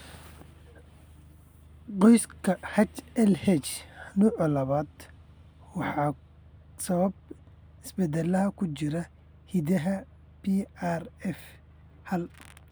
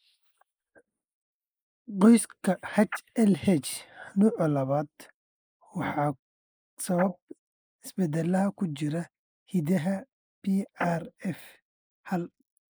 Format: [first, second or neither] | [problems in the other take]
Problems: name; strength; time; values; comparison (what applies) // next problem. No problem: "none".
first | noise reduction (neural mask model Resemble Enhance denoiser)